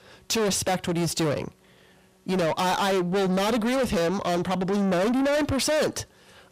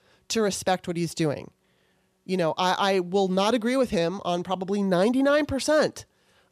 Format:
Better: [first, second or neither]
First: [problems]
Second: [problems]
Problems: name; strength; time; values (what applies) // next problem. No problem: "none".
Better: second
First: distortion; heavy; 6 dB below the speech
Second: none